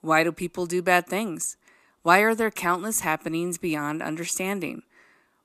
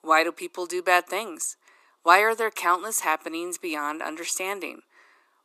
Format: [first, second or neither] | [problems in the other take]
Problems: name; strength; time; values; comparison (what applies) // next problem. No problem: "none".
first | thin; very; fading below 350 Hz